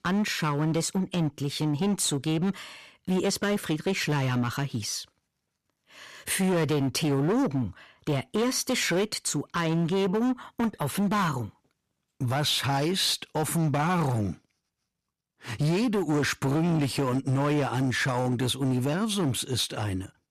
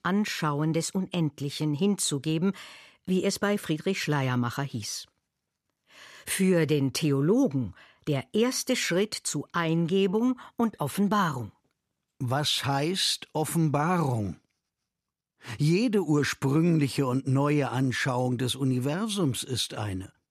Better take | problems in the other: second | distortion; slight; 15% of the sound clipped

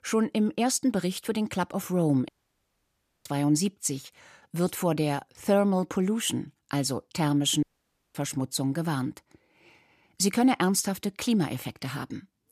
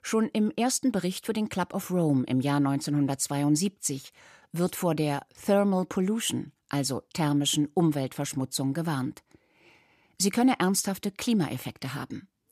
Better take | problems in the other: second | audio cutting out; at 2.5 s for 1 s and at 7.5 s for 0.5 s

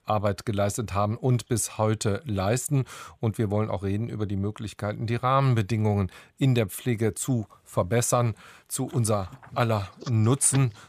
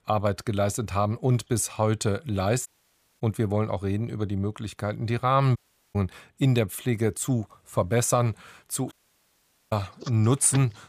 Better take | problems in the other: first | audio cutting out; at 2.5 s for 0.5 s, at 5.5 s and at 9 s for 1 s

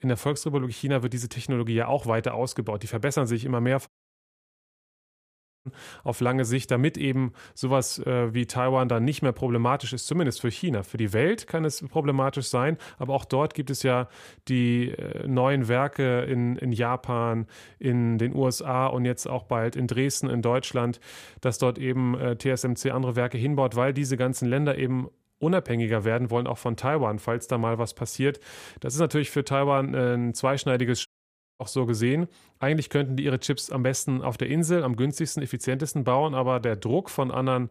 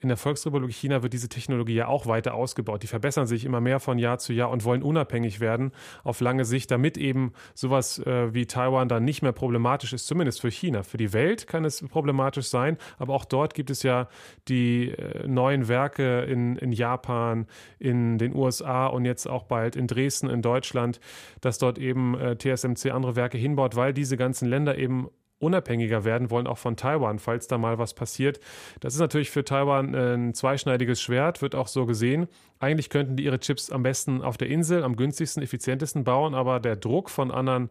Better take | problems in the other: second | audio cutting out; at 4 s for 2 s and at 31 s for 0.5 s

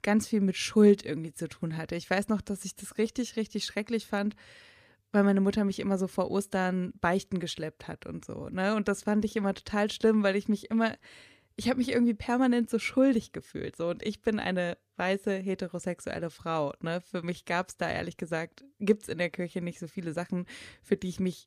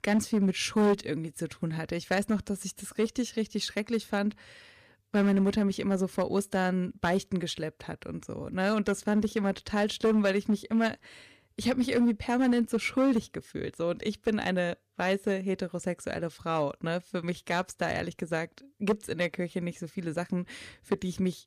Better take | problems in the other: first | distortion; slight; 3% of the sound clipped

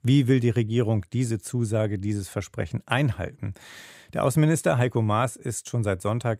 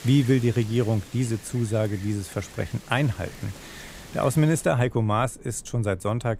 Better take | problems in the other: first | wind in the background; noticeable; throughout; 20 dB below the speech

